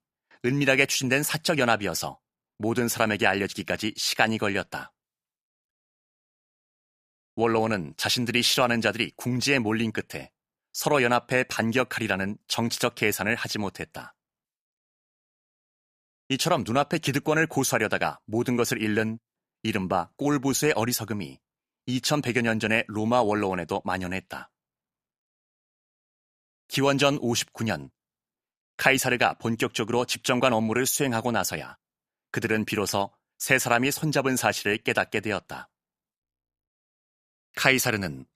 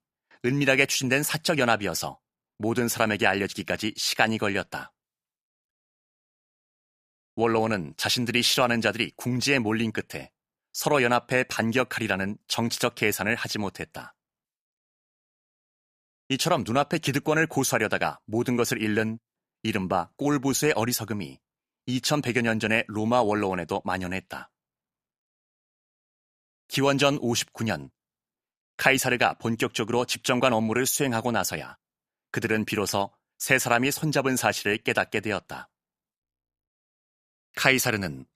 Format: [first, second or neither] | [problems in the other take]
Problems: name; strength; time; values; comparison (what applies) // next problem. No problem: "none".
neither | none